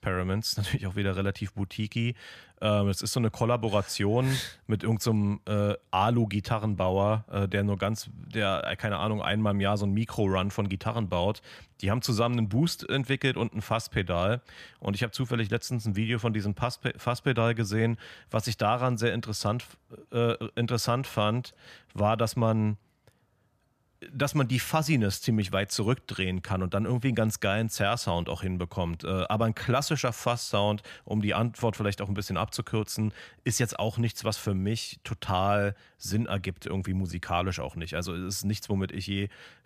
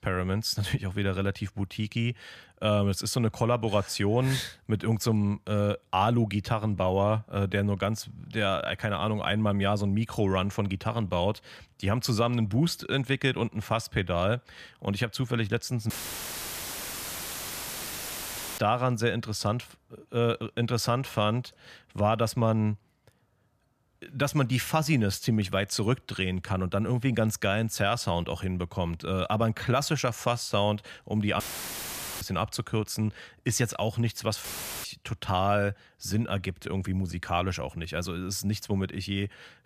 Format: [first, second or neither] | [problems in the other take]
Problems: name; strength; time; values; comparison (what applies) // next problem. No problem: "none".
first | audio cutting out; filled with static; at 16 s for 2.5 s, at 31 s for 1 s and at 34 s